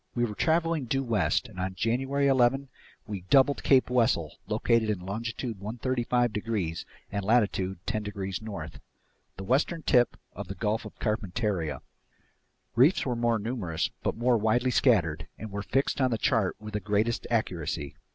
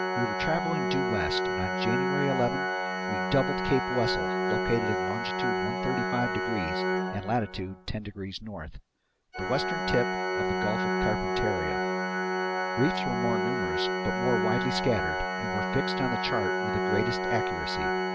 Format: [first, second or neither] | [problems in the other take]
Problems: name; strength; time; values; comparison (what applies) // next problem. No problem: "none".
first | background sound (Organ); 3 dB above the speech